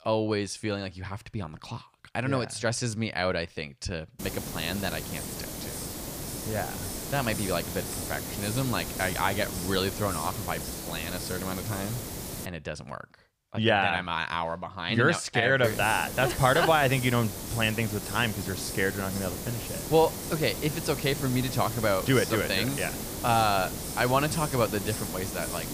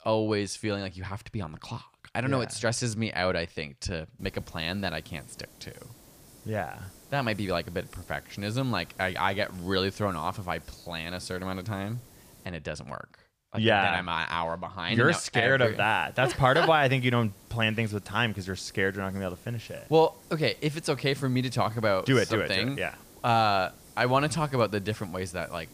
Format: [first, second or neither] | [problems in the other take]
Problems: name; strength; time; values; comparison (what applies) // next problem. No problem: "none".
second | hiss; loud; from 4 to 12 s and from 16 s on; 6 dB below the speech; faint in the second